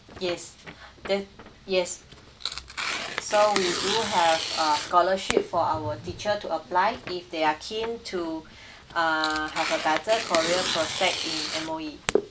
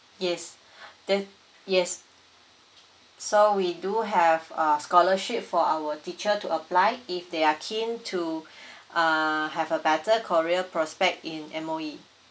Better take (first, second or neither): second